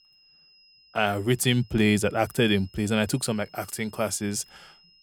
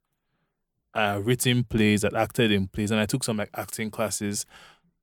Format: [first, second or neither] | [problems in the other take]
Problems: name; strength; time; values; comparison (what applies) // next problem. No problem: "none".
second | high-pitched whine; faint; throughout; 5 kHz, 30 dB below the speech